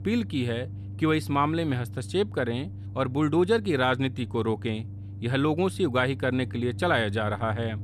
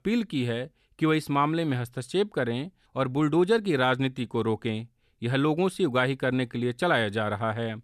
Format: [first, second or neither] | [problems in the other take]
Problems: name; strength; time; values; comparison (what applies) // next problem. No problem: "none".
second | low rumble; faint; throughout; 25 dB below the speech